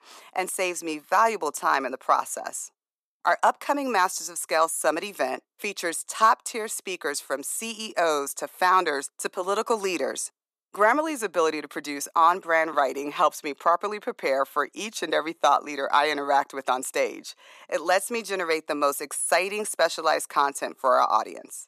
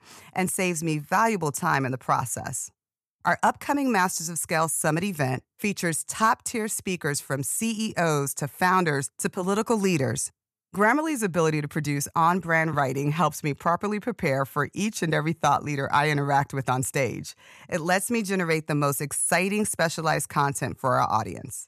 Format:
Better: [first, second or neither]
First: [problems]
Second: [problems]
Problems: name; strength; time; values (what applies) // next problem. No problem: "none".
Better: second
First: thin; somewhat; fading below 250 Hz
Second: none